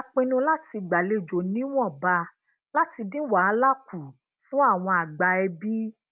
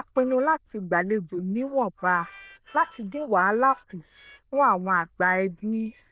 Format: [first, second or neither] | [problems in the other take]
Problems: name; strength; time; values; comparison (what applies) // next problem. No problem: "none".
first | noise reduction (neural diffusion model UNIVERSE++)